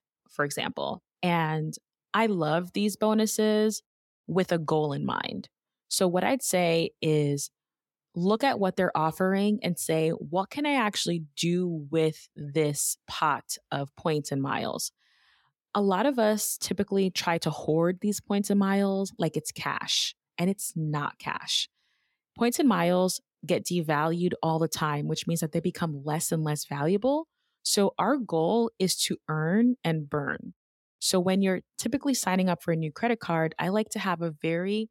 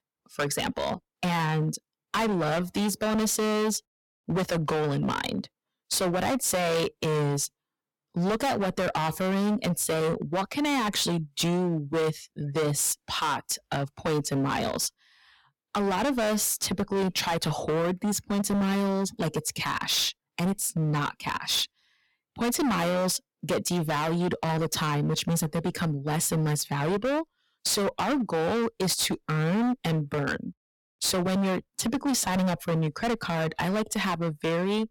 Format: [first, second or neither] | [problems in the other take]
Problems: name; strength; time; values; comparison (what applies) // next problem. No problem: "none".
first | distortion; heavy; 22% of the sound clipped